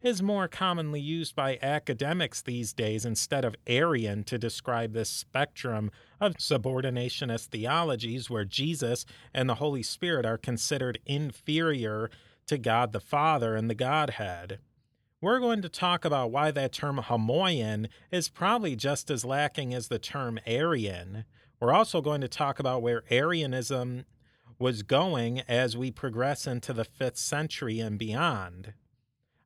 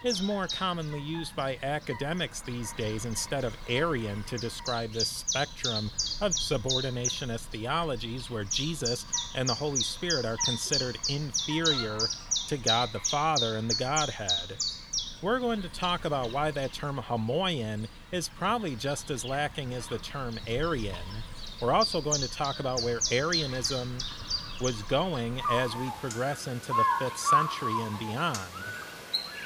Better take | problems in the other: first | animal sounds; very loud; throughout; 1 dB above the speech

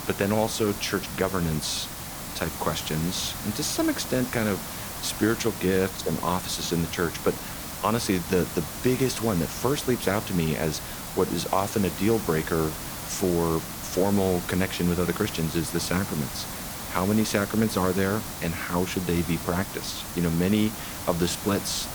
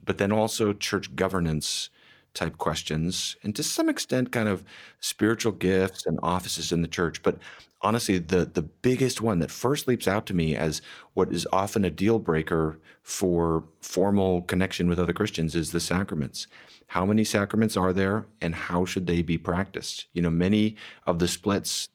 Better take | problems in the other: second | hiss; loud; throughout; 7 dB below the speech

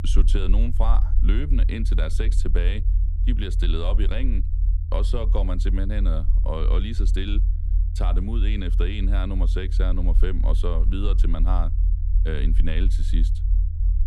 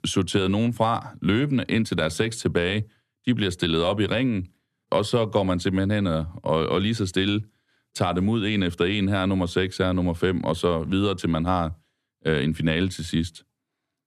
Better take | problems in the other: second | low rumble; noticeable; throughout; 10 dB below the speech

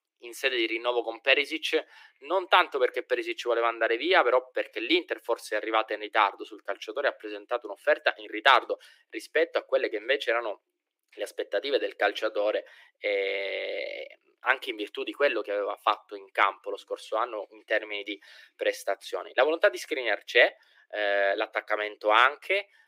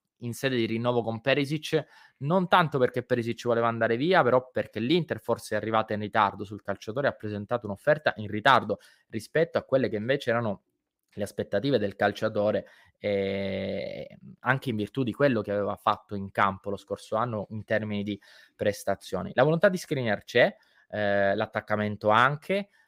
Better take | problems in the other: second | thin; very; fading below 300 Hz

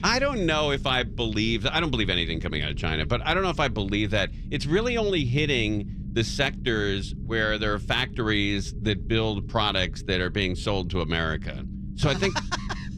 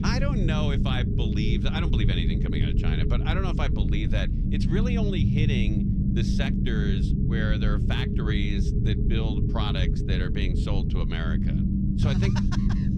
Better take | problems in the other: first | low rumble; loud; throughout; 2 dB below the speech; faint in the first

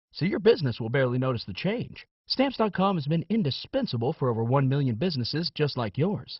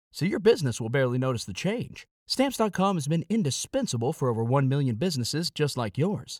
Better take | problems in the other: second | garbled, watery; badly; nothing above 5 kHz

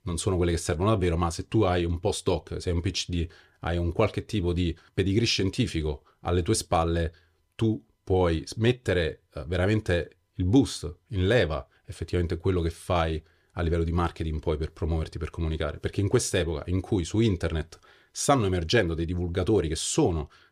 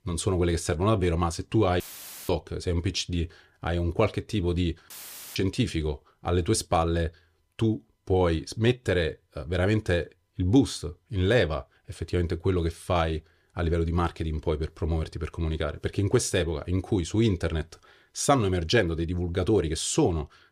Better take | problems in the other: first | audio cutting out; filled with static; at 2 s and at 5 s

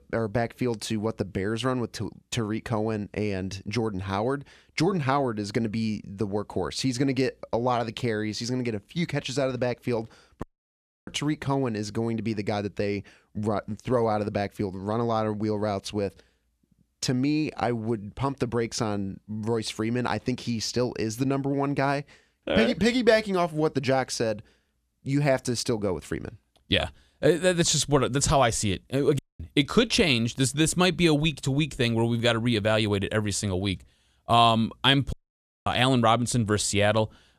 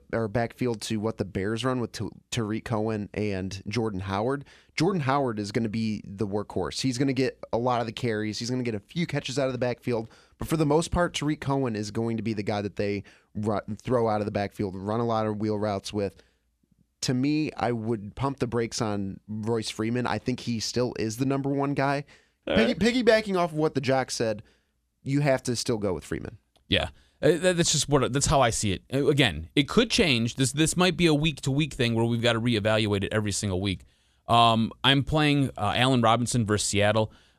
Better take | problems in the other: second | audio cutting out; at 10 s for 0.5 s, at 29 s and at 35 s for 0.5 s

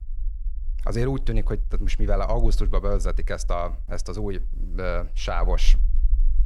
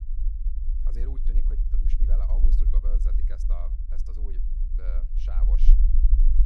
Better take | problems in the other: first | low rumble; loud; throughout; 1 dB below the speech; faint in the first

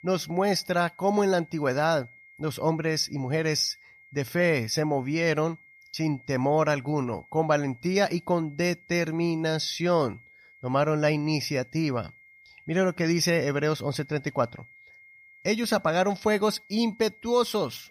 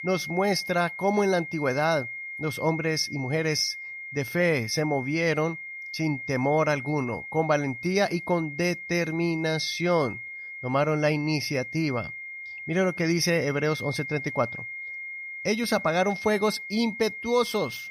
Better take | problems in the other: first | high-pitched whine; loud; throughout; 2 kHz, 9 dB below the speech; faint in the first

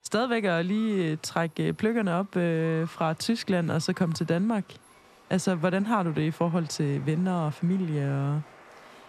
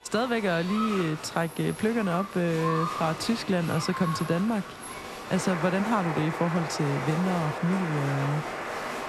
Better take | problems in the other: first | crowd noise; loud; throughout; 6 dB below the speech; faint in the first

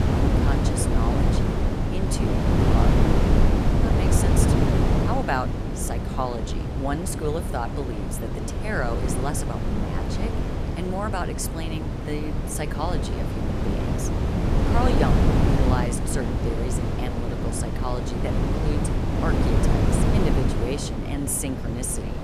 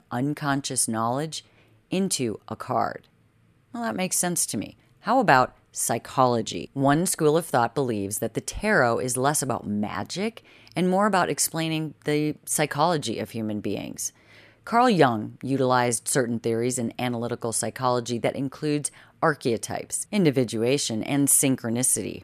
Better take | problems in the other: second | wind noise on the microphone; heavy; 1 dB above the speech

